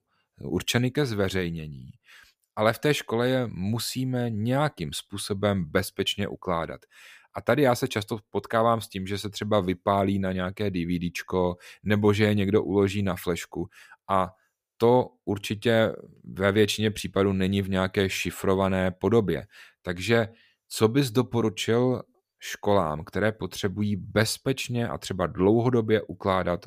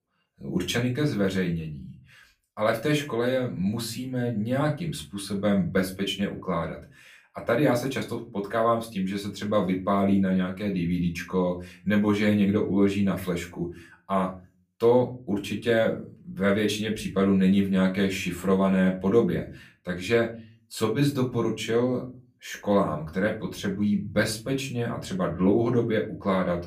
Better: first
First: none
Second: off-mic speech; far // room echo; very slight; dies away in 0.3 s

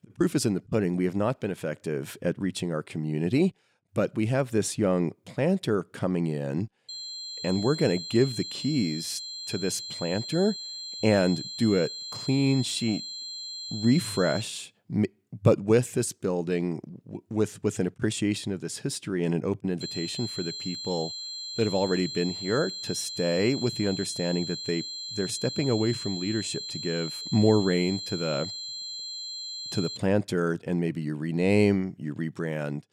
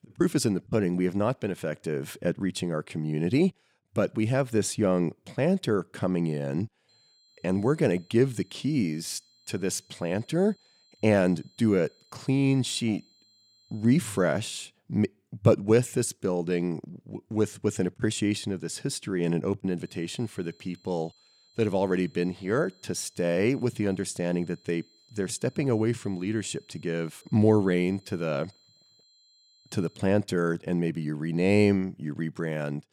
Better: second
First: high-pitched whine; loud; from 7 to 14 s and from 20 to 30 s; 4 kHz, 7 dB below the speech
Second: high-pitched whine; faint; from 7 to 14 s and from 20 to 30 s; 4 kHz, 30 dB below the speech

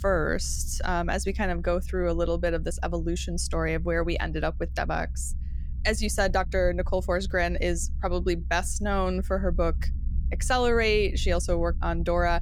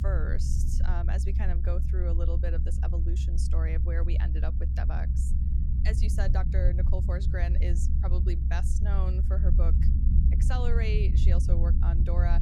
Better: first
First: low rumble; faint; throughout; 25 dB below the speech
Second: low rumble; loud; throughout; 4 dB below the speech

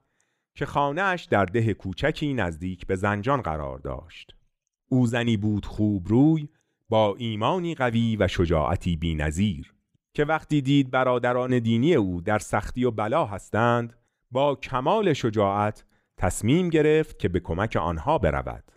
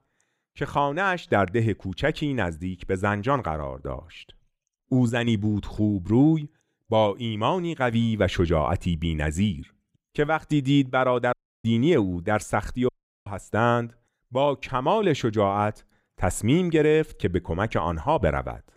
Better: first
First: none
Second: audio cutting out; at 11 s and at 13 s

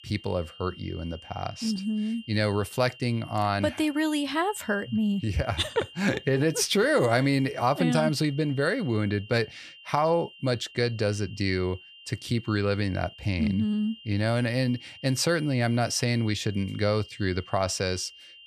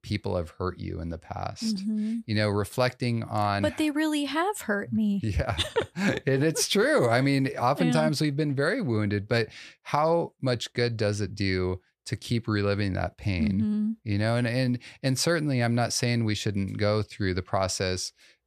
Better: second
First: high-pitched whine; noticeable; throughout; 3 kHz, 20 dB below the speech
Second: none

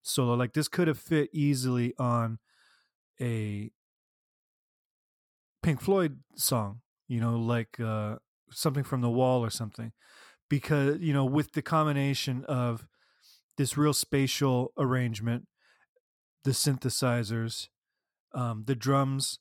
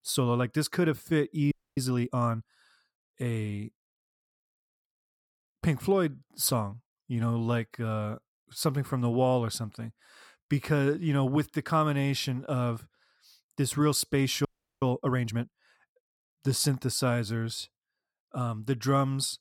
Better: first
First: none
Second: audio freezing; at 1.5 s and at 14 s

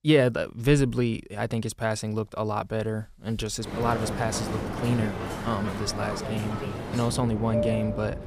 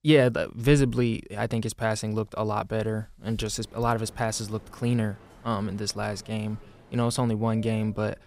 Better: second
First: train or aircraft noise; loud; from 3.5 s on; 5 dB below the speech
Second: train or aircraft noise; faint; from 3.5 s on; 25 dB below the speech

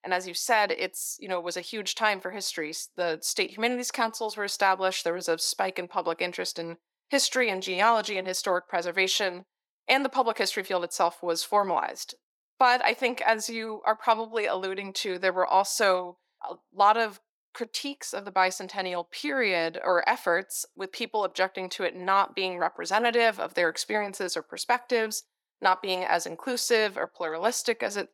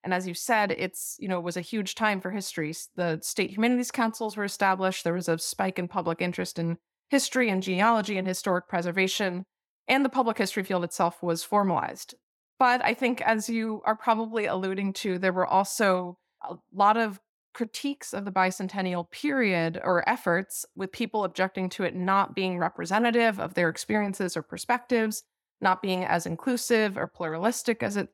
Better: second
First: thin; somewhat; fading below 450 Hz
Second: none

